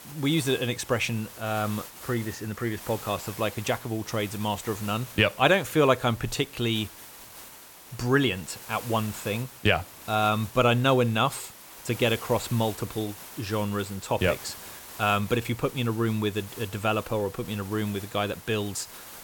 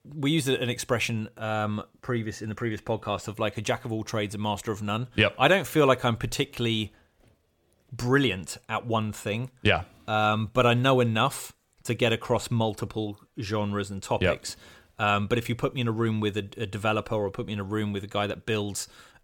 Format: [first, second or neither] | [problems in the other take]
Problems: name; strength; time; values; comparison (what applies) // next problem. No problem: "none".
second | hiss; noticeable; throughout; 15 dB below the speech